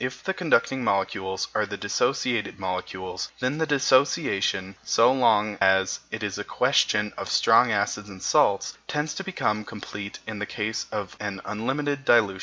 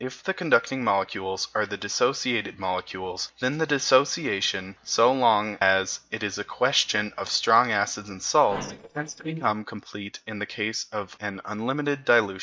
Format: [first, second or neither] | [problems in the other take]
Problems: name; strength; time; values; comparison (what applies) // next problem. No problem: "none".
first | noise reduction (neural mask model DeepFilterNet 3)